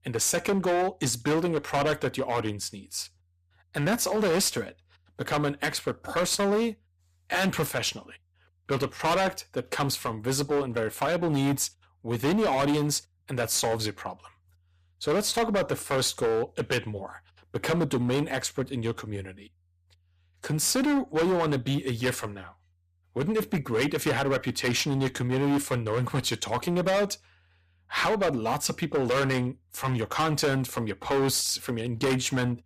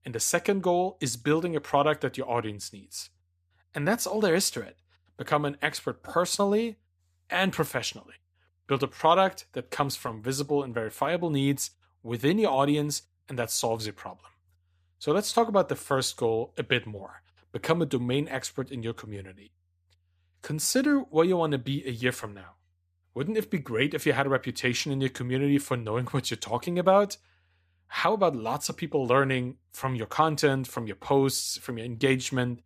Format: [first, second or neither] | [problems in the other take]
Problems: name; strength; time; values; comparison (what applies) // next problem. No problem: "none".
second | distortion; heavy; 13% of the sound clipped